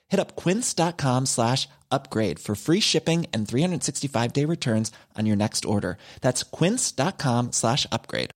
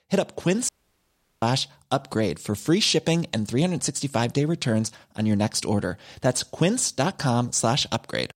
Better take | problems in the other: first | audio cutting out; at 0.5 s for 0.5 s

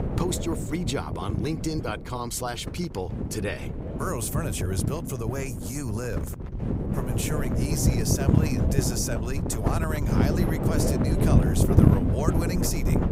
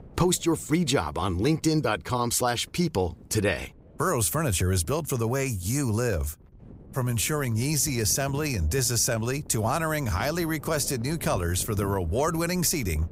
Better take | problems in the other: second | wind noise on the microphone; heavy; as loud as the speech; occasional gusts in the second

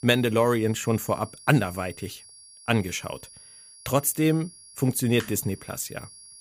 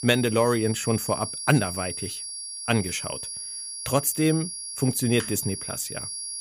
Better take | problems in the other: first | high-pitched whine; loud; throughout; 10.5 kHz, 6 dB below the speech; faint in the first

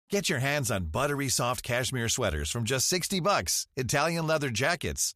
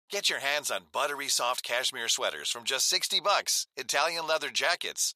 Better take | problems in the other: first | thin; very; fading below 650 Hz

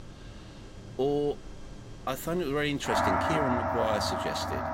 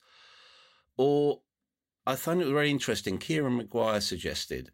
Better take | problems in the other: second | background music; very loud; throughout; 2 dB above the speech

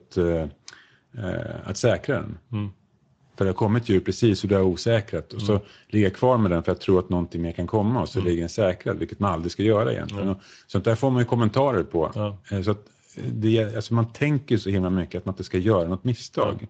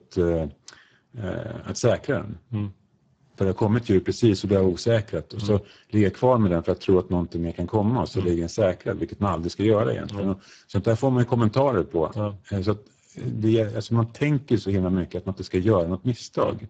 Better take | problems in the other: first | garbled, watery; badly; nothing above 7.5 kHz; slightly in the first

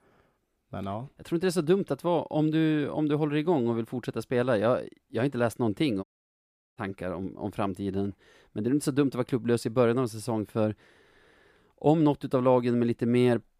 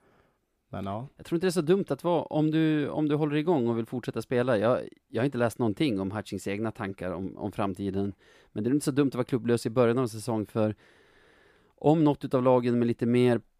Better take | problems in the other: second | audio cutting out; at 6 s for 0.5 s

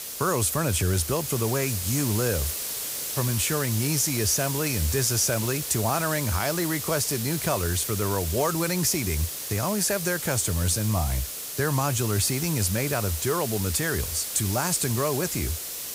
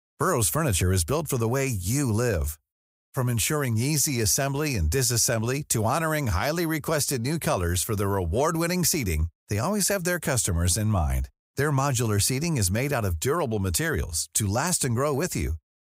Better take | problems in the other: second | hiss; loud; throughout; 4 dB below the speech

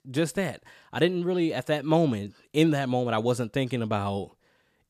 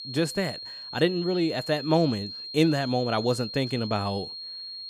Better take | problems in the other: first | high-pitched whine; loud; throughout; 4 kHz, 9 dB below the speech

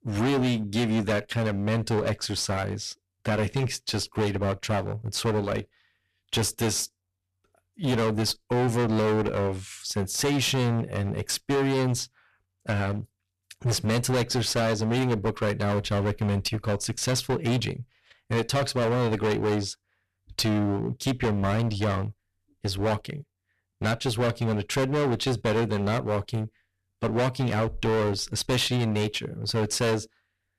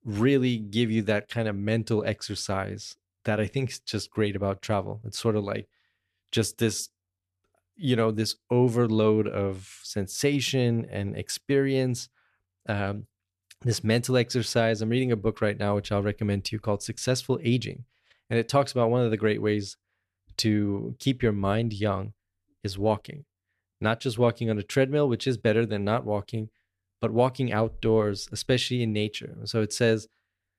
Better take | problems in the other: second | distortion; heavy; 20% of the sound clipped

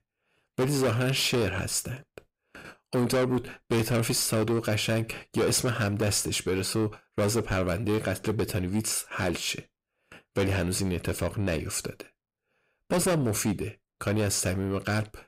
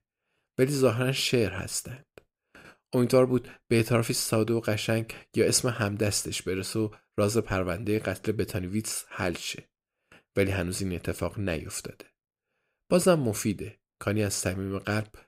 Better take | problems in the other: second | distortion; heavy; 7 dB below the speech

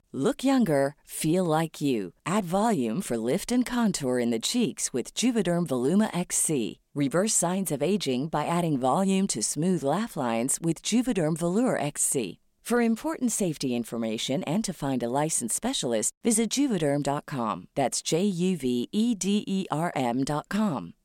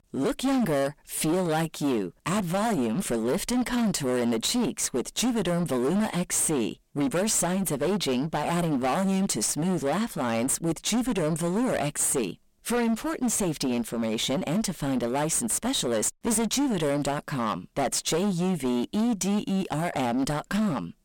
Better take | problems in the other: first | distortion; heavy; 22% of the sound clipped

